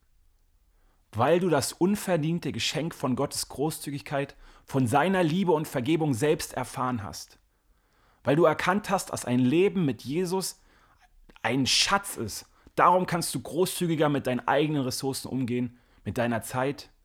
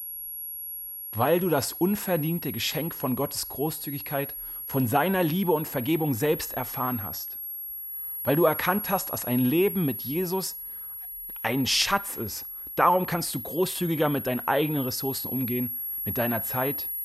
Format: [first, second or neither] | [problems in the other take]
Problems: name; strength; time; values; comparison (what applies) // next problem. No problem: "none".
first | high-pitched whine; loud; throughout; 11.5 kHz, 6 dB below the speech